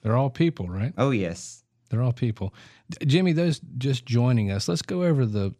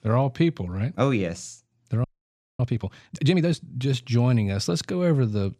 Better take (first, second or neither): first